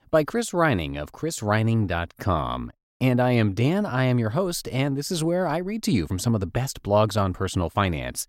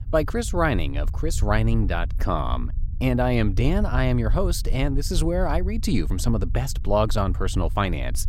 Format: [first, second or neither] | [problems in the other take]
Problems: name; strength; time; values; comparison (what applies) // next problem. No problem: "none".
first | low rumble; faint; throughout; 20 dB below the speech